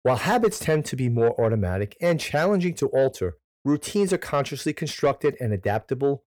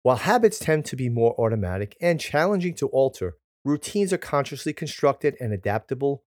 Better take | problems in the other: second | distortion; slight; 10 dB below the speech

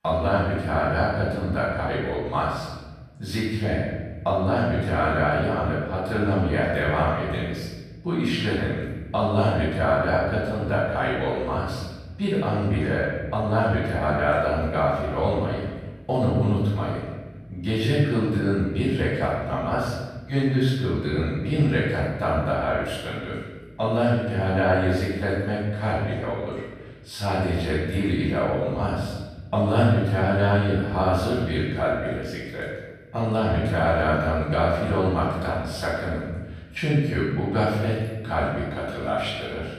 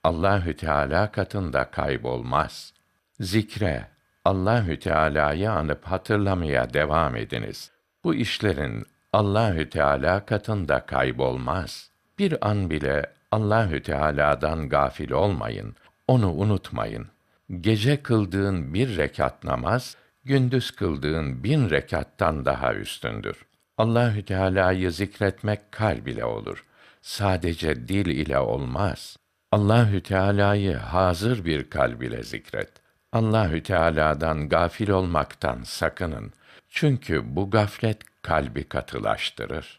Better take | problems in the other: second | room echo; strong; dies away in 1.3 s // off-mic speech; far

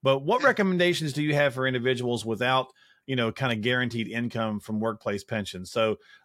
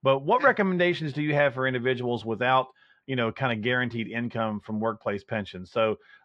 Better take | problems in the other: first | muffled; slightly; fading above 2.5 kHz

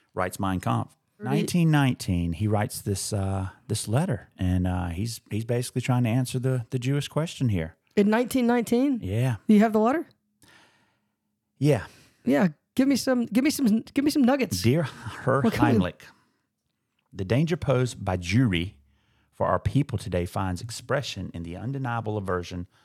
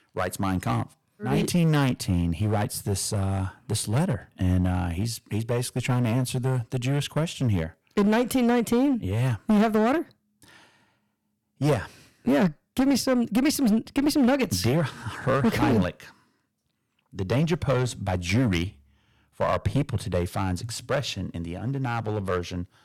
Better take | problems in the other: first | distortion; slight; 9% of the sound clipped

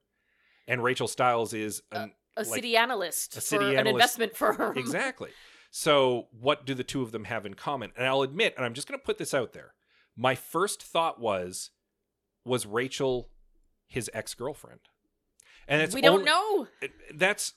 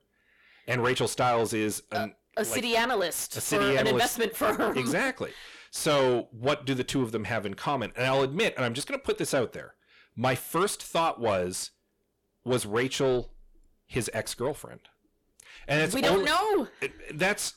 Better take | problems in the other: first | distortion; heavy; 7 dB below the speech

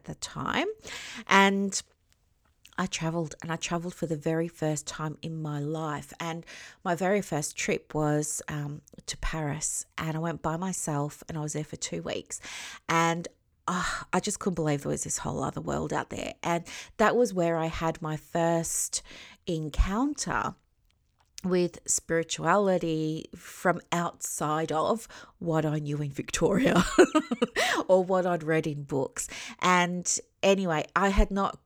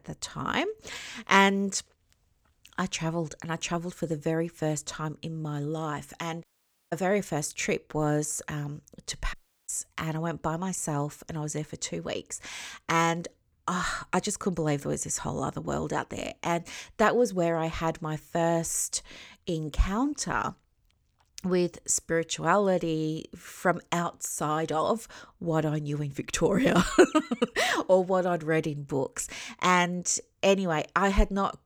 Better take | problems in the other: first | audio cutting out; at 6.5 s and at 9.5 s

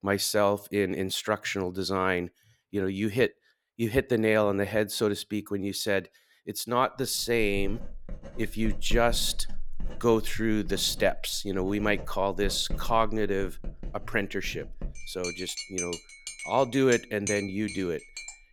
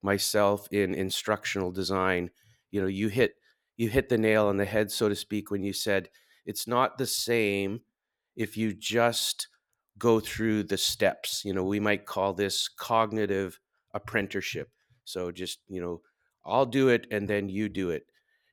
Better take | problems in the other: second | household noises; noticeable; from 7.5 s on; 10 dB below the speech

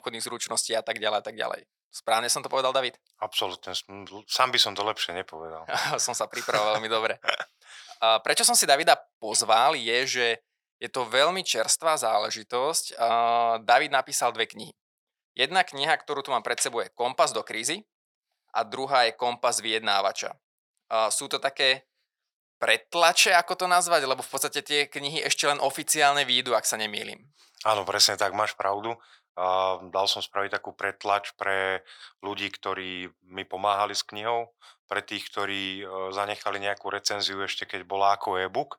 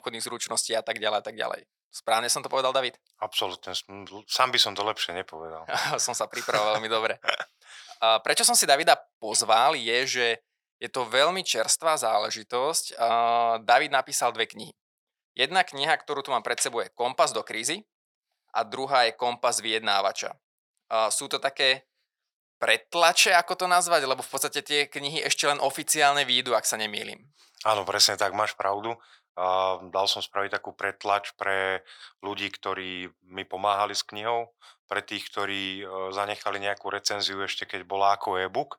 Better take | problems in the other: neither | thin; very; fading below 600 Hz; the same in both

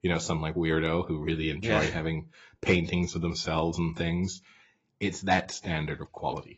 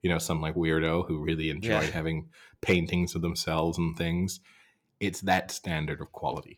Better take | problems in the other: second | garbled, watery; badly; nothing above 7.5 kHz

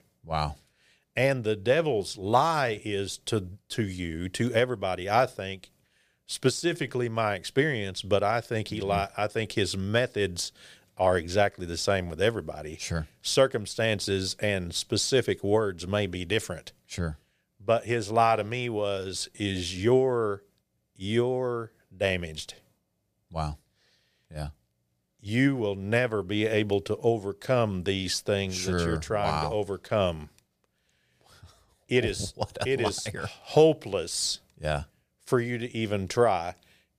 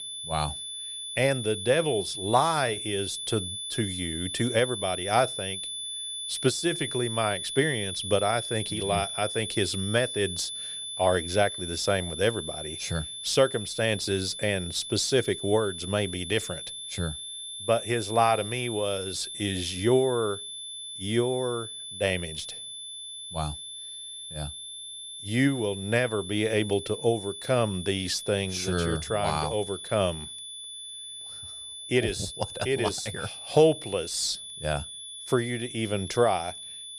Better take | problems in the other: first | high-pitched whine; loud; throughout; 3.5 kHz, 7 dB below the speech

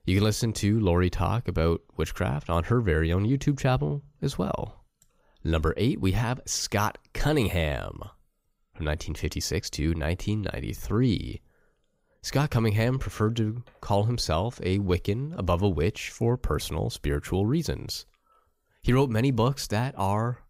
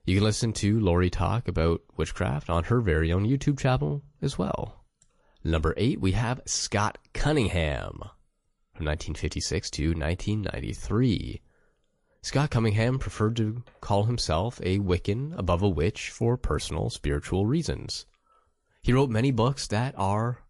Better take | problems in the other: first | garbled, watery; slightly; nothing above 11 kHz

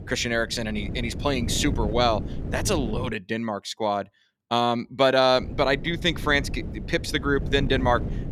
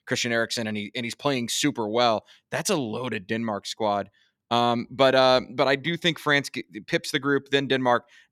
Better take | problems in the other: second | wind noise on the microphone; occasional gusts; until 3 s and from 5.5 s on; 15 dB below the speech

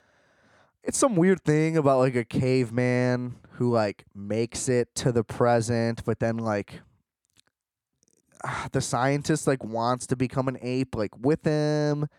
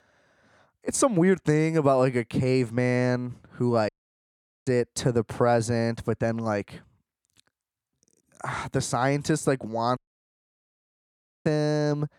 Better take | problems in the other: first | audio cutting out; at 4 s for 1 s and at 10 s for 1.5 s

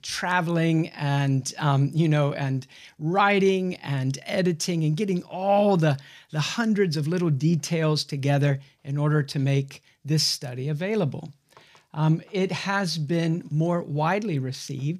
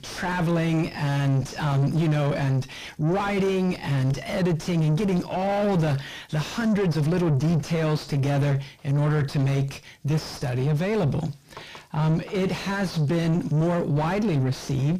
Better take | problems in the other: first | distortion; heavy; 5 dB below the speech

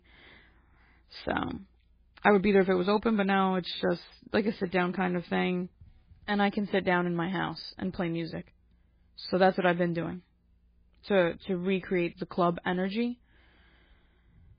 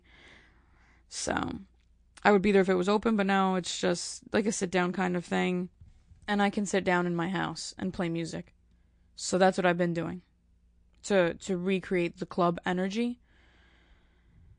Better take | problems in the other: second | garbled, watery; badly; nothing above 4.5 kHz; slightly in the second

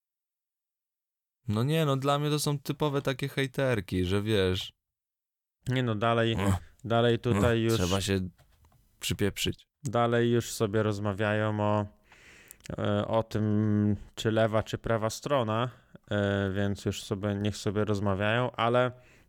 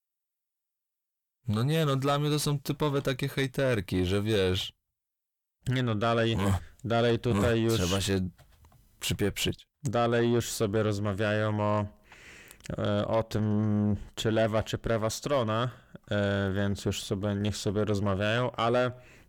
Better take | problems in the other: first | distortion; slight; 9 dB below the speech

